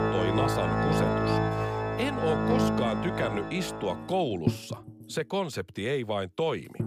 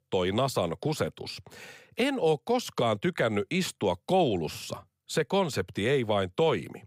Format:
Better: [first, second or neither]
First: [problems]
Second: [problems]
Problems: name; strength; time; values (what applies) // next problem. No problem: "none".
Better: second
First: background music; very loud; throughout; 3 dB above the speech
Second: none